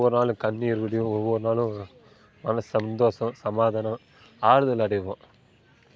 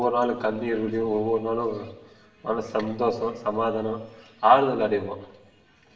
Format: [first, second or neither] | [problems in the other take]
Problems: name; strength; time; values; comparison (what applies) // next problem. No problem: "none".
first | room echo; dies away in 0.8 s